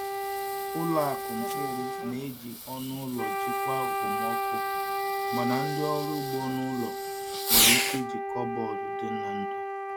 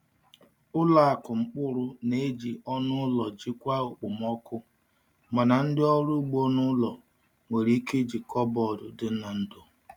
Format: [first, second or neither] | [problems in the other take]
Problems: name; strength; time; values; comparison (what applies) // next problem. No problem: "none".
second | background sound (Fireworks + Wind instrument, woodwind instrument); 5 dB above the speech